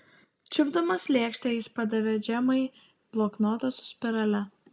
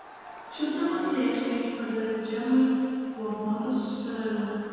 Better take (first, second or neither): first